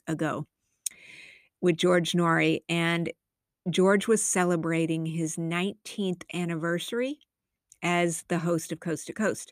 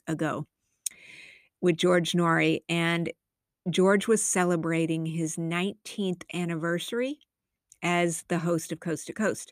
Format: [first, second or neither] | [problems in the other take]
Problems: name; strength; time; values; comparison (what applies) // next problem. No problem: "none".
neither | none